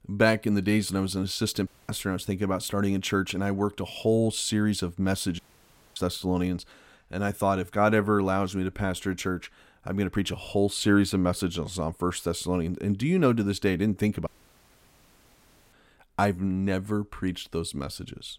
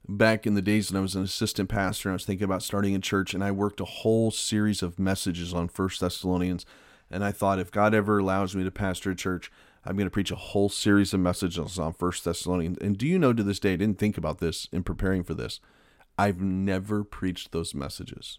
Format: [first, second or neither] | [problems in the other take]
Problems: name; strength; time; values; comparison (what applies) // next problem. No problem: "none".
second | audio cutting out; at 1.5 s, at 5.5 s for 0.5 s and at 14 s for 1.5 s